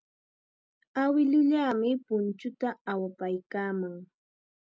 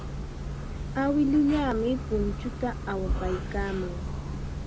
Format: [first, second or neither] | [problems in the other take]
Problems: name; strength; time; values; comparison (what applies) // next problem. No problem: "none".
first | background sound (Breathing); 4 dB below the speech